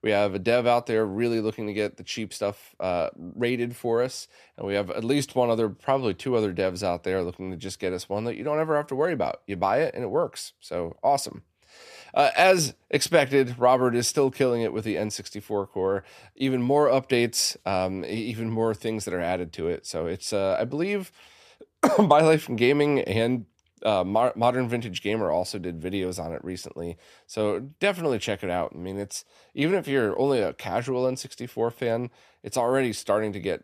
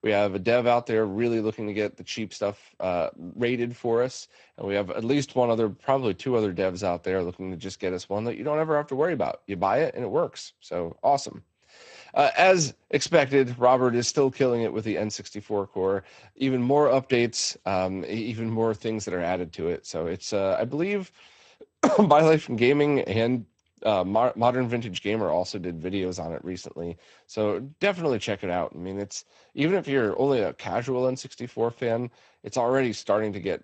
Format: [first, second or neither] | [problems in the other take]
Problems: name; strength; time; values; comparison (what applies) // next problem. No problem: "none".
first | garbled, watery; slightly; nothing above 7.5 kHz